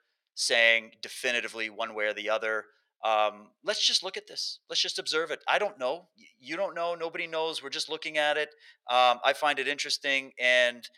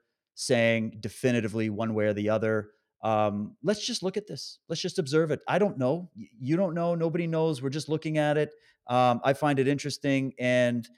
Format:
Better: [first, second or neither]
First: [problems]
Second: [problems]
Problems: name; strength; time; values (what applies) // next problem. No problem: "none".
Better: second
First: thin; very; fading below 800 Hz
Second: none